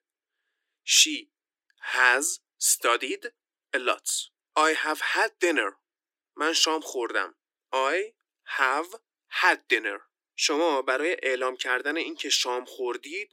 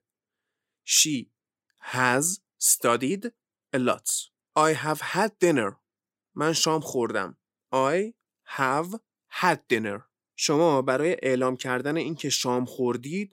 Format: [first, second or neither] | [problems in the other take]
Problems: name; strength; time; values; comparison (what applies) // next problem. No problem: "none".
second | thin; somewhat; fading below 300 Hz